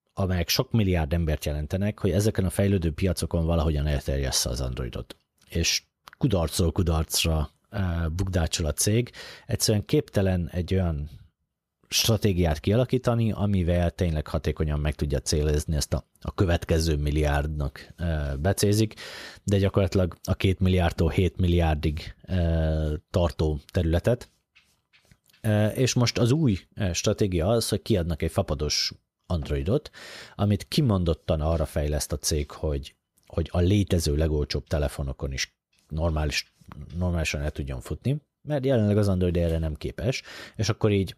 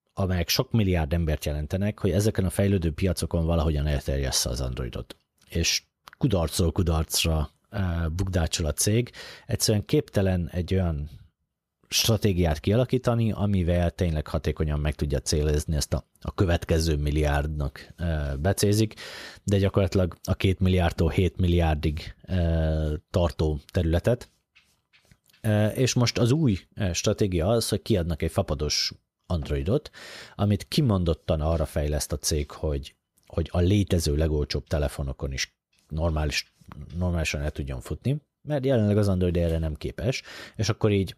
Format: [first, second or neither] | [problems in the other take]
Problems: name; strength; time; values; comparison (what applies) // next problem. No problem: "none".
neither | none